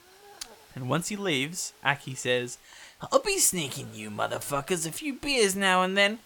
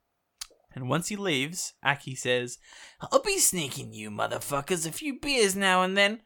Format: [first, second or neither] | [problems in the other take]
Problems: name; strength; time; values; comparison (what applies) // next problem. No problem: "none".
second | hiss; faint; throughout; 25 dB below the speech